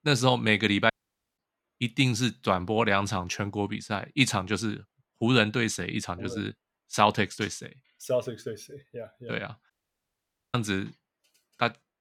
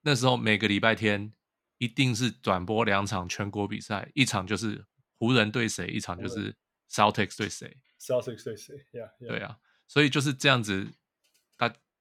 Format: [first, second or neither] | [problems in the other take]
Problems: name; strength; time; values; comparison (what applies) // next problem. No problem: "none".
second | audio cutting out; at 1 s and at 9.5 s for 1 s